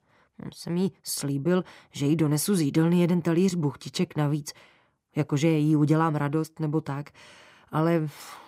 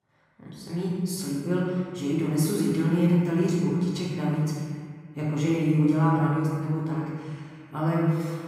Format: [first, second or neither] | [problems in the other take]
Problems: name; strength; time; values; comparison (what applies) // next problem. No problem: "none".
first | room echo; strong; dies away in 1.8 s // off-mic speech; far